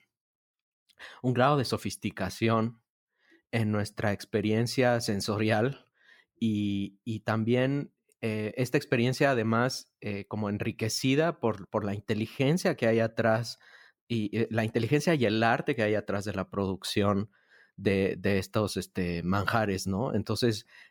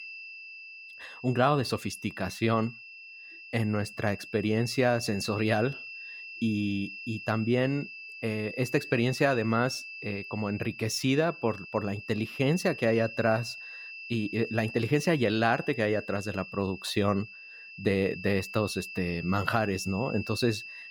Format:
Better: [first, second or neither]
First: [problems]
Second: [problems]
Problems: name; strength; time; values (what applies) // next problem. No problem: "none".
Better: first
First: none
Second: high-pitched whine; noticeable; throughout; 2.5 kHz, 10 dB below the speech